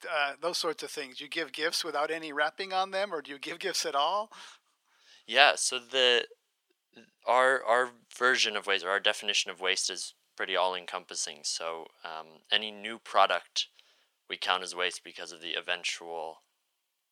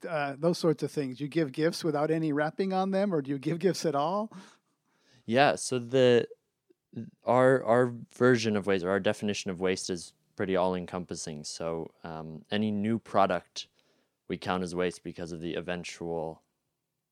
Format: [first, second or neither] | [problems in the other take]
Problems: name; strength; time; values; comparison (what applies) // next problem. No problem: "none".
second | thin; very; fading below 900 Hz